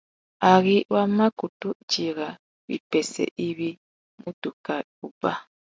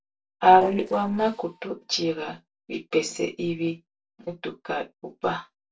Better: first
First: none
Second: noise reduction (neural separator model SepFormer DNS4)

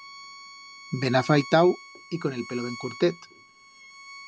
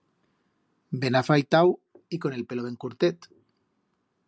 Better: second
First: background sound (Bowed string instrument); 16 dB below the speech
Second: none

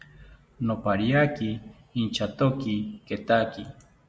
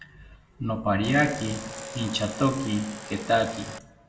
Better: first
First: none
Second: background sound (Domestic sounds, home sounds); 11 dB below the speech // room echo; dies away in 0.5 s

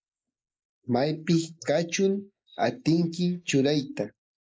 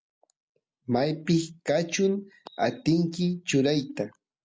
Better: second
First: noise reduction (neural mask model Resemble Enhance denoiser)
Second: none

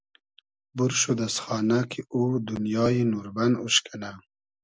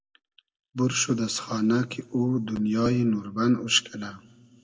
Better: first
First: none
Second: room echo; dies away in 0.6 s

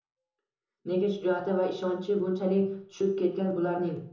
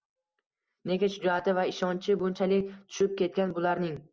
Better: second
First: room echo; dies away in 0.6 s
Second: none

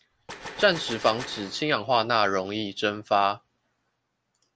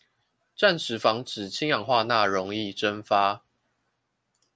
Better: second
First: background sound (Gunshot, gunfire); 13 dB below the speech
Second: none

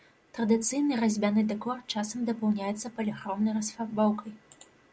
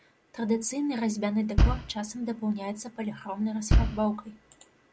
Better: first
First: none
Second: background sound (Bass drum); 5 dB above the speech

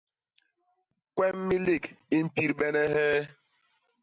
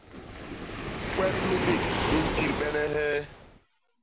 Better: first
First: none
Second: background sound (Waves, surf); as loud as the speech

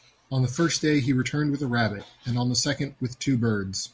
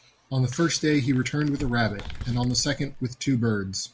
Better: first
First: none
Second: background sound (Crumpling, crinkling); 13 dB below the speech

